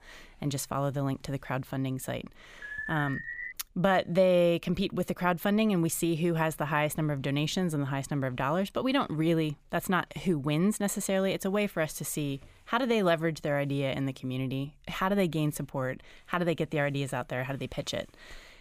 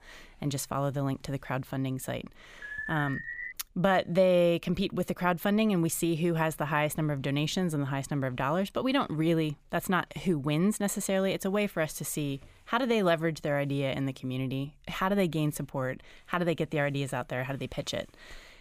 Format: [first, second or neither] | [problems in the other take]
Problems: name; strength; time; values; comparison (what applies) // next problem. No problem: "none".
neither | alarm; noticeable; at 2.5 s; peak 6 dB below the speech; the same in both